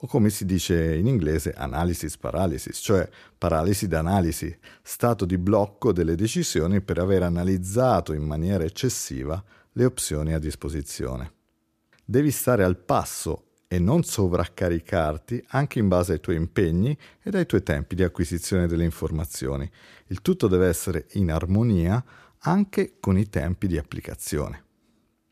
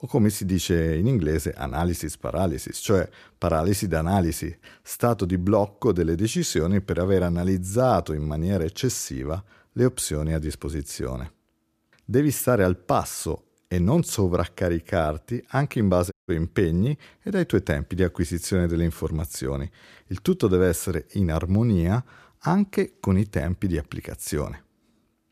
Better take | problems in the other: first | audio cutting out; at 16 s

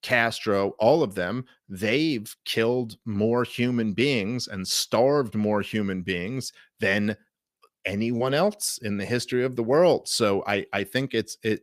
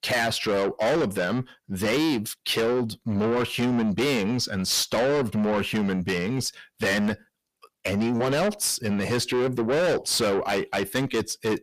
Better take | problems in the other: first | distortion; heavy; 6 dB below the speech

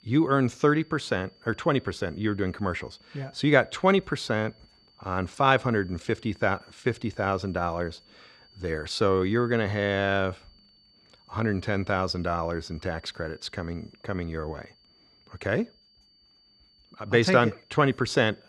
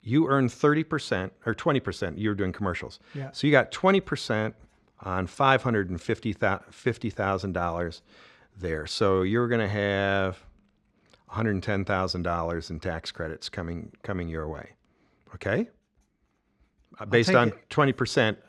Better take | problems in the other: second | high-pitched whine; faint; throughout; 4.5 kHz, 30 dB below the speech

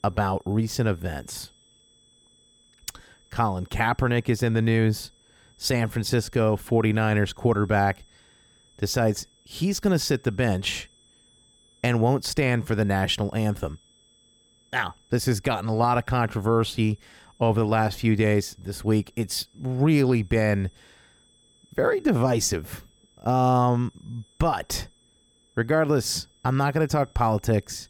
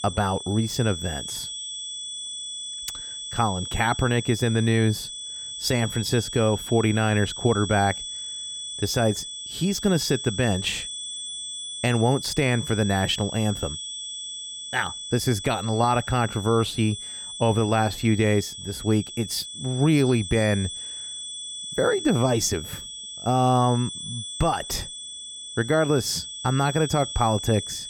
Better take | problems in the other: first | high-pitched whine; loud; throughout; 3.5 kHz, 8 dB below the speech; faint in the first

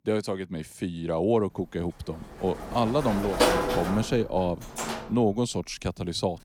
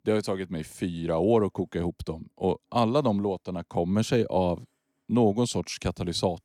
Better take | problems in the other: second | door banging; loud; from 2.5 to 5 s; peak 6 dB above the speech

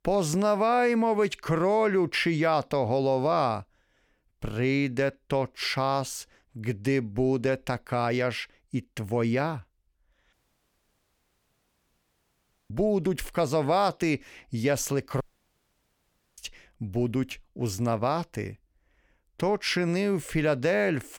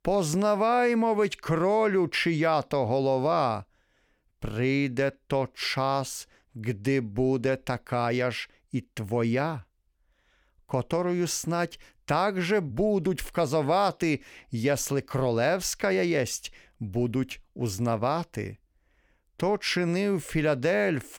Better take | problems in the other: second | audio cutting out; at 10 s for 2.5 s and at 15 s for 1 s

